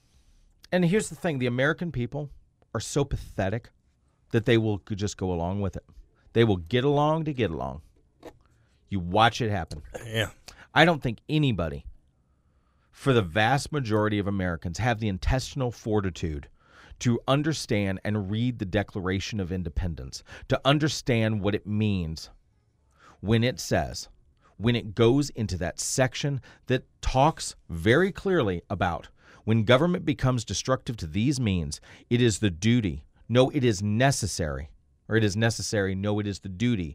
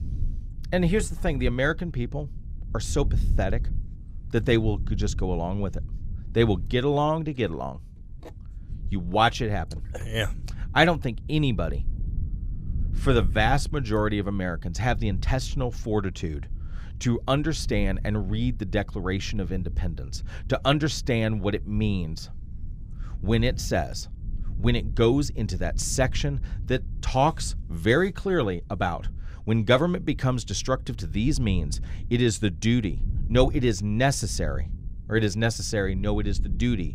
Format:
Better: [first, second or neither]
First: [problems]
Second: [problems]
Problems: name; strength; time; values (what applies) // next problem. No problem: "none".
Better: first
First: none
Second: low rumble; faint; throughout; 25 dB below the speech